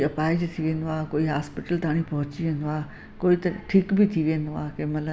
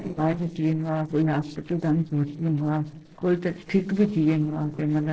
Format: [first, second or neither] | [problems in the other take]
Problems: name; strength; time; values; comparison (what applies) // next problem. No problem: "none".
first | noise reduction (neural separator model SepFormer DNS4)